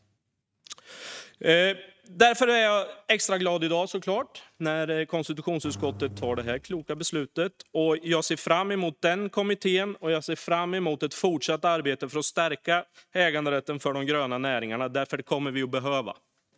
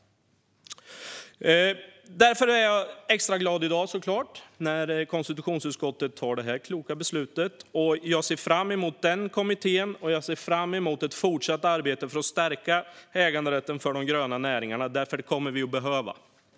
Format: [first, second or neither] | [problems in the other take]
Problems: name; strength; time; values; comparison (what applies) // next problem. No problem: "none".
second | noise reduction (neural mask model RNNoise)